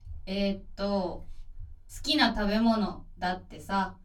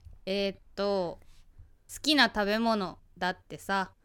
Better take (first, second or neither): second